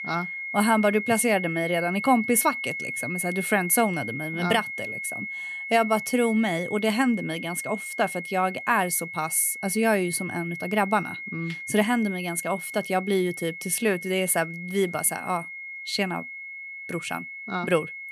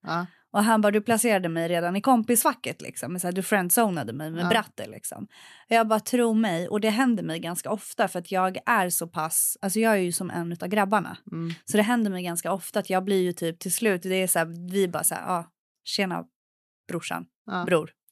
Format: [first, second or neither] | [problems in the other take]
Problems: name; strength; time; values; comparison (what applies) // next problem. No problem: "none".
second | high-pitched whine; loud; throughout; 2 kHz, 8 dB below the speech